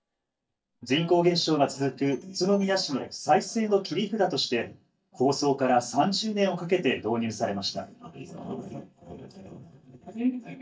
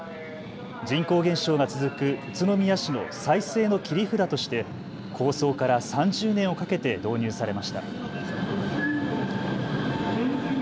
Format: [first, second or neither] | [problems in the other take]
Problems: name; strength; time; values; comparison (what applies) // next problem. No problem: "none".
second | noise reduction (neural mask model DeepFilterNet 3)